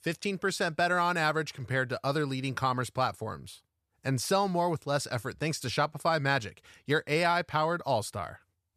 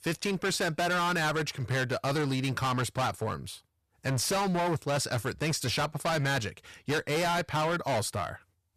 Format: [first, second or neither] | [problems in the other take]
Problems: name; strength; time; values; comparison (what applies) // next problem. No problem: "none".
first | distortion; heavy; 22% of the sound clipped